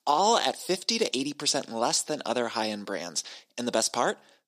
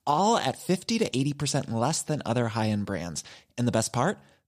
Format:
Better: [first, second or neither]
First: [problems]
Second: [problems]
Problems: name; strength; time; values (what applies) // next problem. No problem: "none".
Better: second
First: thin; somewhat; fading below 300 Hz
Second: none